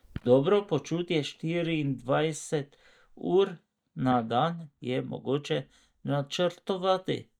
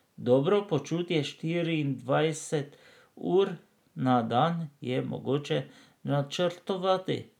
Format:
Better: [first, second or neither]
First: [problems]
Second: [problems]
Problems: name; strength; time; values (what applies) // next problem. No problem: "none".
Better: second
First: noise reduction (neural mask model DeepFilterNet 3)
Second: none